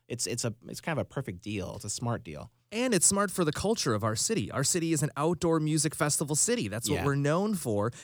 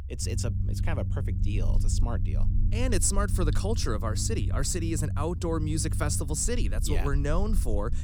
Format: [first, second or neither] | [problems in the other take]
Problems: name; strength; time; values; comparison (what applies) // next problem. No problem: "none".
first | low rumble; noticeable; throughout; 10 dB below the speech